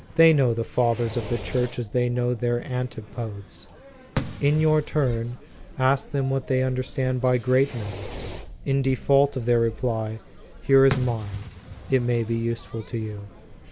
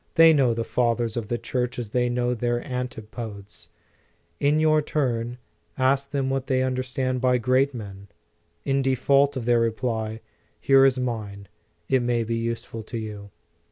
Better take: second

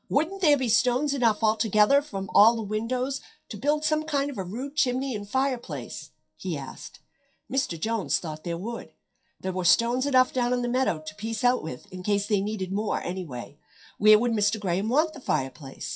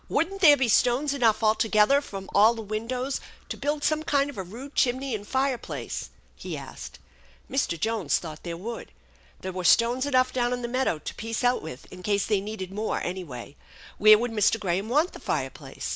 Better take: second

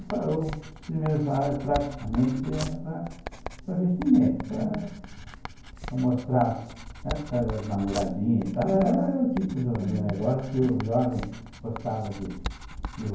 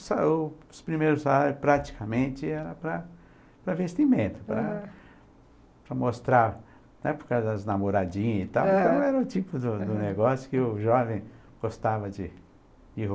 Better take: second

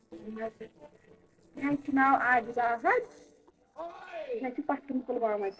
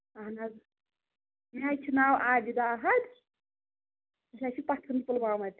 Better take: second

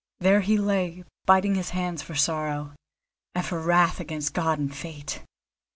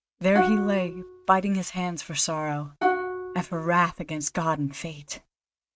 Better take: first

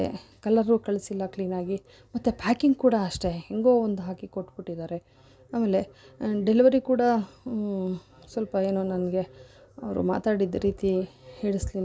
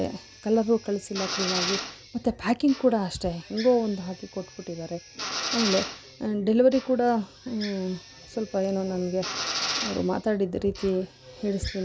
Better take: first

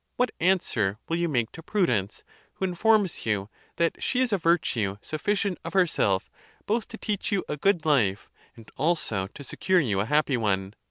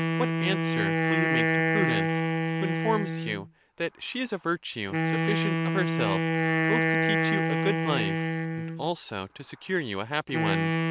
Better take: first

